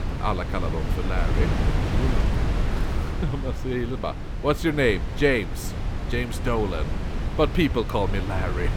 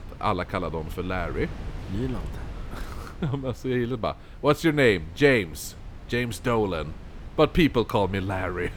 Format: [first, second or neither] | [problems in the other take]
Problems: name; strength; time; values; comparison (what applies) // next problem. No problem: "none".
second | wind noise on the microphone; heavy; 8 dB below the speech; occasional gusts in the second